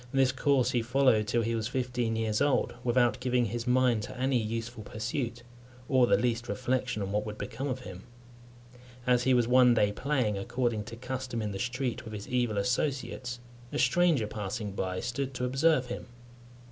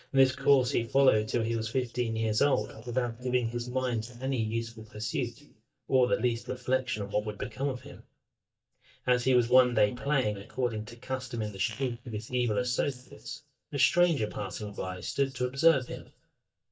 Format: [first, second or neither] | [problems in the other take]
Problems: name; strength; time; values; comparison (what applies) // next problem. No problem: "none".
first | noise reduction (neural mask model DeepFilterNet 3)